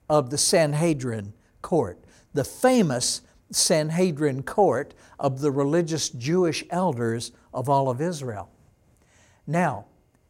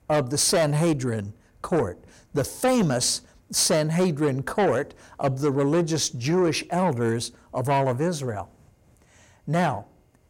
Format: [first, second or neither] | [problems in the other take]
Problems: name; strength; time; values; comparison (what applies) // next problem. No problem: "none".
first | distortion; slight; 10 dB below the speech